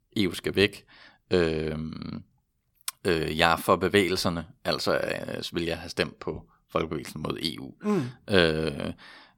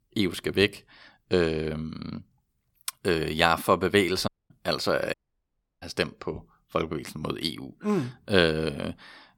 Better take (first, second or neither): first